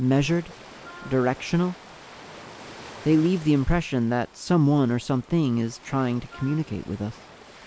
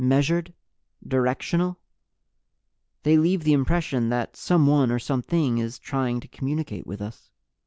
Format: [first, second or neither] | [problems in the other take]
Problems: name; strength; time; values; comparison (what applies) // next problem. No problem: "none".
second | background sound (Wind instrument, woodwind instrument + Ocean); 20 dB below the speech